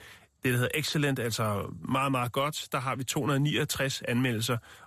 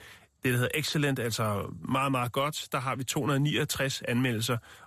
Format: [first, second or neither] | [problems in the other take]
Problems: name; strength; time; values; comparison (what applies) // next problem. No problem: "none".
neither | none